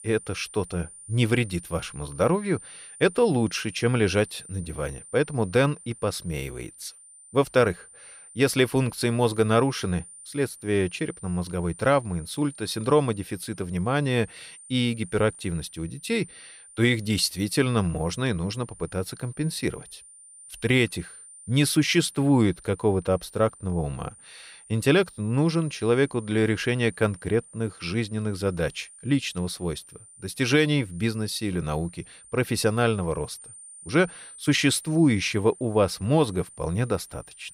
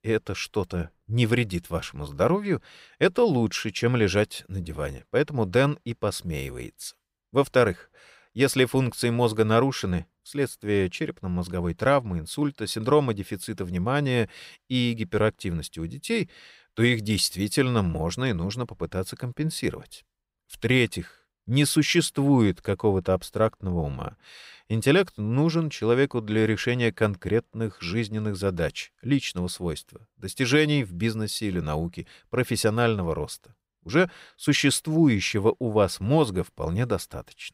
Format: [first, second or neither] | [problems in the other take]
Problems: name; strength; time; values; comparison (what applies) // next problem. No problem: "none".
second | high-pitched whine; noticeable; throughout; 9 kHz, 20 dB below the speech